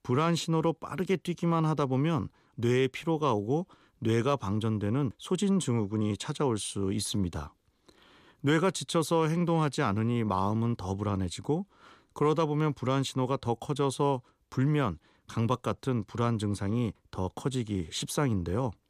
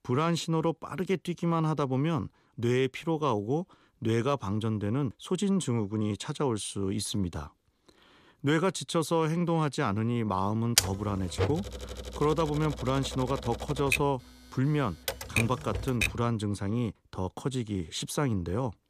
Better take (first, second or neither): first